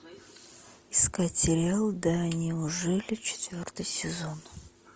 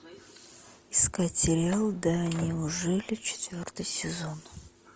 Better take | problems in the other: first | background sound (Slam); 17 dB below the speech

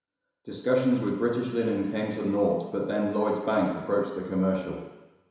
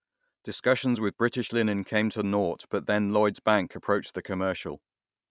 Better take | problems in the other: second | room echo; dies away in 1 s

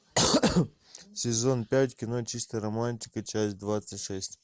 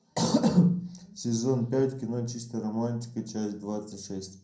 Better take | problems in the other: first | room echo; dies away in 0.6 s

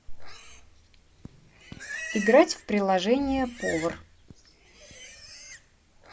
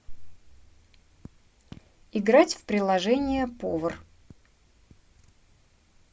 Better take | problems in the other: second | background sound (Livestock, farm animals, working animals); 14 dB below the speech

